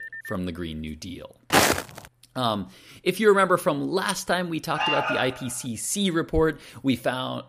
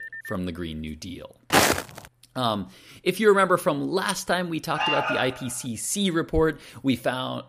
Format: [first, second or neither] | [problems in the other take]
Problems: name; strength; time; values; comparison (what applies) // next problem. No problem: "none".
neither | phone ringing; faint; at the start; peak 10 dB below the speech; the same in both // footsteps; loud; at 1.5 s; peak 6 dB above the speech; the same in both // alarm; loud; at 4.5 s; peak 2 dB above the speech; the same in both